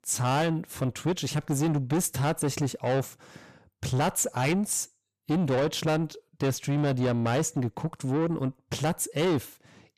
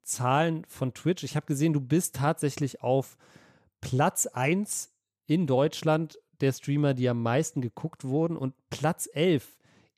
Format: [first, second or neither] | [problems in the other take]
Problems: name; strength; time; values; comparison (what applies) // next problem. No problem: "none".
second | distortion; heavy; 8 dB below the speech